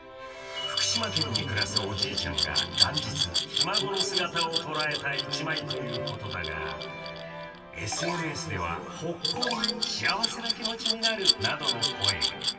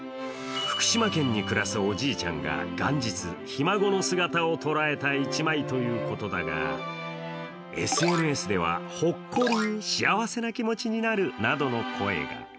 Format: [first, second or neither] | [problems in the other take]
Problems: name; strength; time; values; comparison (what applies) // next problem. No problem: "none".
second | background sound (Glass); 1 dB above the speech // room echo; dies away in 2.6 s